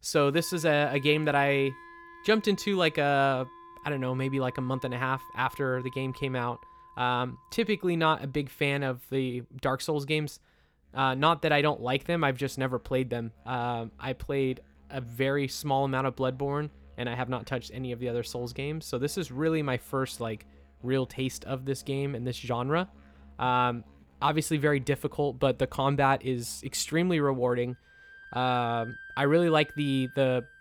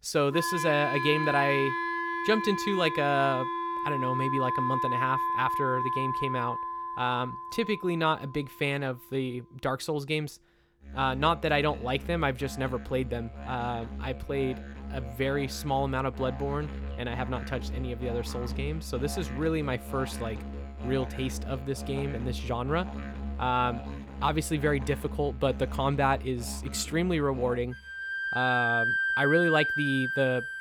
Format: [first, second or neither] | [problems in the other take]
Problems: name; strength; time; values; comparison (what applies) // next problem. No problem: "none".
first | background music; loud; throughout; 3 dB below the speech; faint in the first